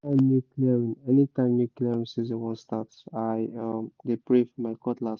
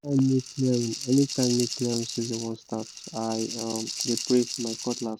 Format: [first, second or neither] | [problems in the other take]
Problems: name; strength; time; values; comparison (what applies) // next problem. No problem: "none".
first | background sound (Rattle (instrument)); 9 dB below the speech